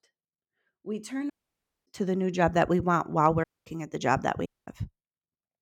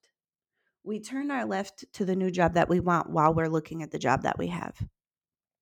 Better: second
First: audio cutting out; at 1.5 s for 0.5 s, at 3.5 s and at 4.5 s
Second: none

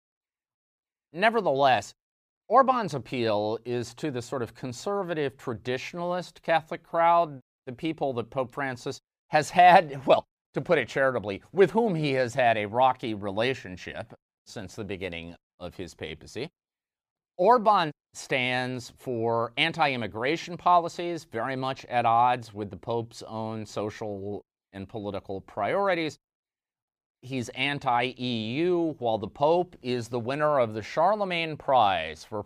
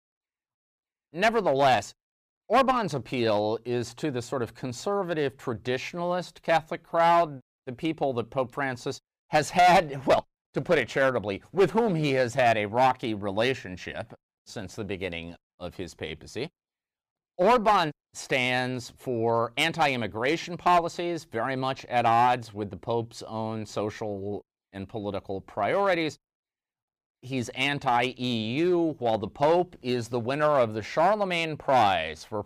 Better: first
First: none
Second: distortion; slight; 3% of the sound clipped

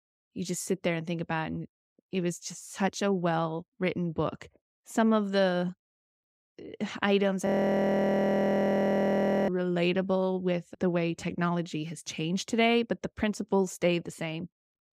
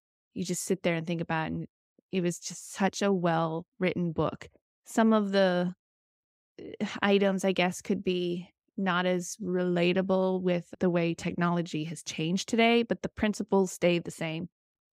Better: second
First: audio freezing; at 7.5 s for 2 s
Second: none

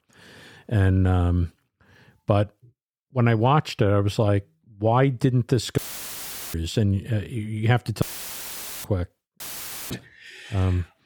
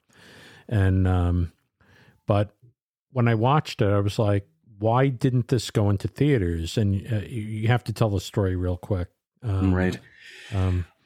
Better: second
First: audio cutting out; filled with static; at 6 s for 1 s, at 8 s for 1 s and at 9.5 s for 0.5 s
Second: none

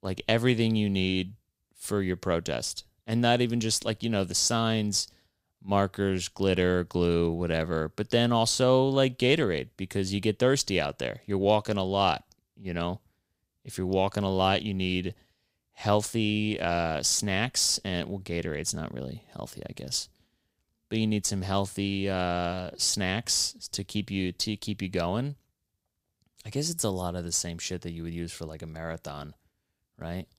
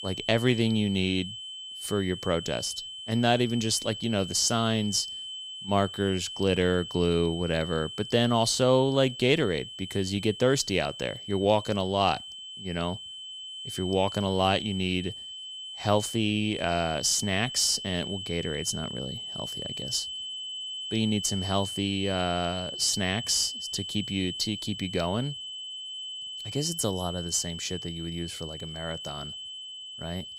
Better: first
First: none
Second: high-pitched whine; loud; throughout; 3 kHz, 9 dB below the speech

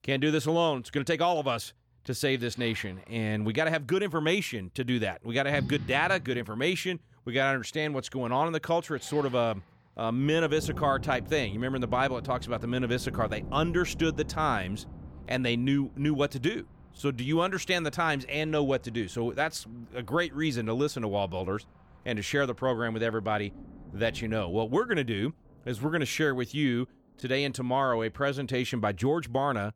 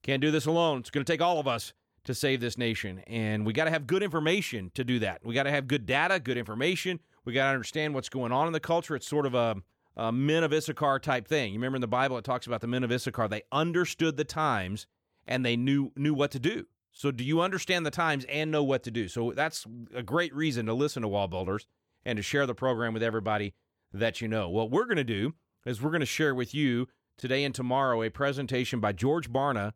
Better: second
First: rain or running water; noticeable; throughout; 15 dB below the speech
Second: none

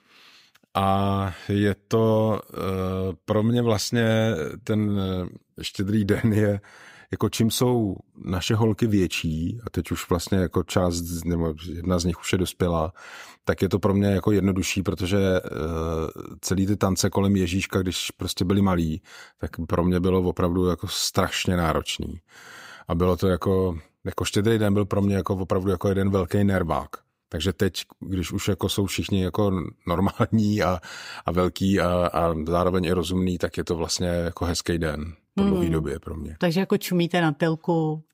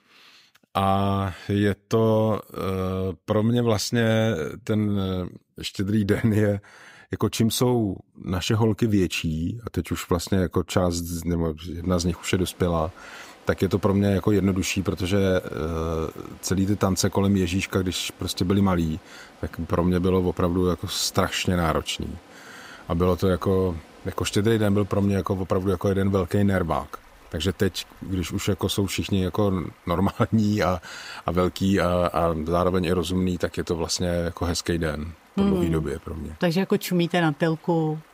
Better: first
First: none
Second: rain or running water; faint; from 12 s on; 25 dB below the speech

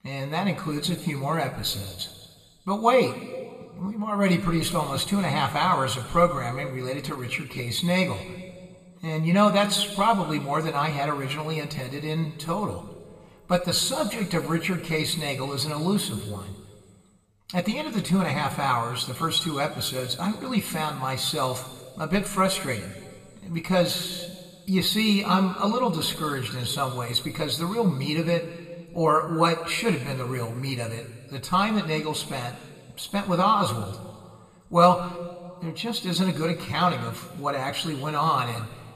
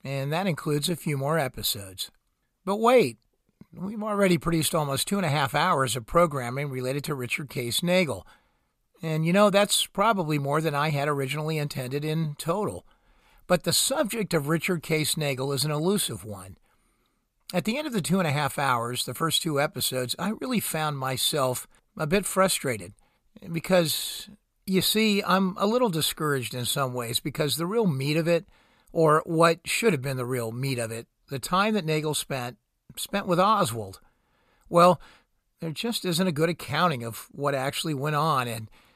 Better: second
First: room echo; slight; dies away in 1.7 s // off-mic speech; somewhat distant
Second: none

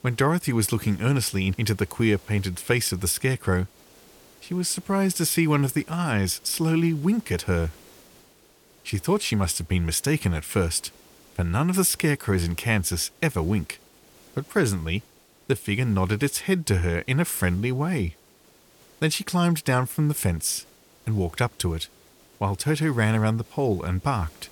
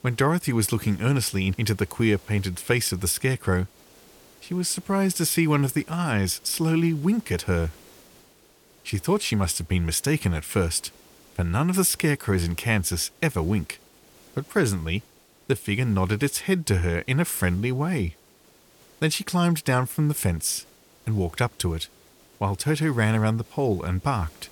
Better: neither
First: hiss; faint; throughout; 25 dB below the speech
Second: hiss; faint; throughout; 25 dB below the speech

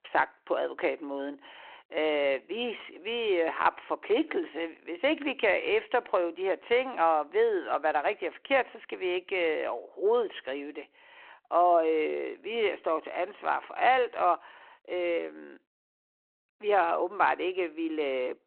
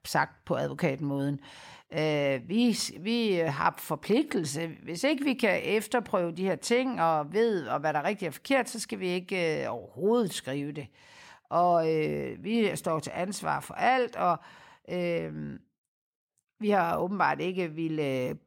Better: second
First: phone-call audio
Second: none

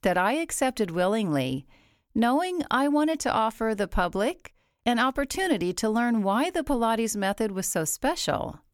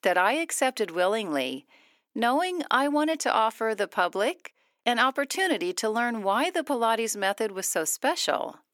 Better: first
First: none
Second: thin; very slightly; fading below 300 Hz

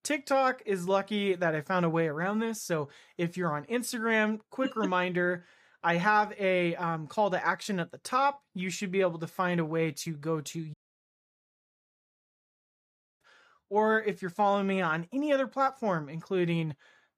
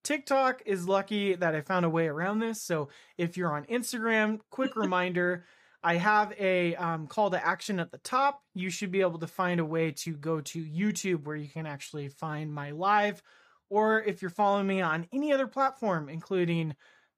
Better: second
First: audio cutting out; at 11 s for 2.5 s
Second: none

